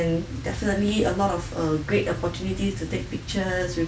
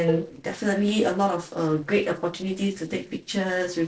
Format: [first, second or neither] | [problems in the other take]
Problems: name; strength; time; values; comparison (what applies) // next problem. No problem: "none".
first | noise reduction (neural separator model SepFormer DNS4)